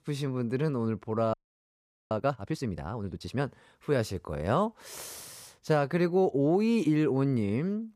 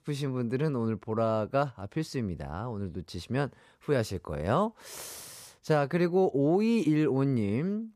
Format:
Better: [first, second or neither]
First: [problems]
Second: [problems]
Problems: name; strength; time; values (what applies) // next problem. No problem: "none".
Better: second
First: audio freezing; at 1.5 s for 1 s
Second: none